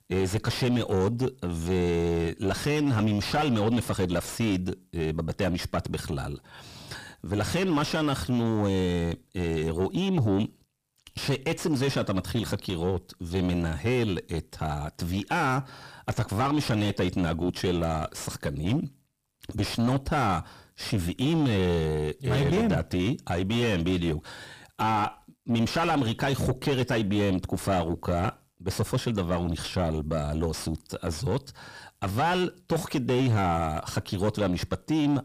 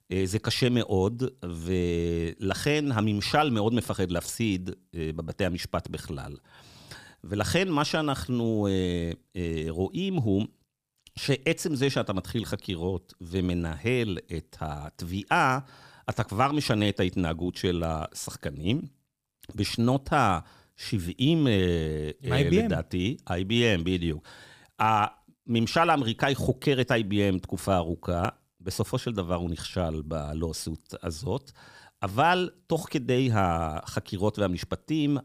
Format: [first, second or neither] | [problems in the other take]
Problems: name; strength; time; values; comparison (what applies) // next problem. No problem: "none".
second | distortion; heavy; 6 dB below the speech